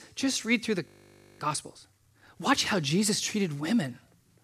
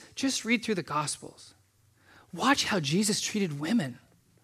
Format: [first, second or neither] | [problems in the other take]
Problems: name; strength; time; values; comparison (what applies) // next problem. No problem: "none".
second | audio freezing; at 1 s for 0.5 s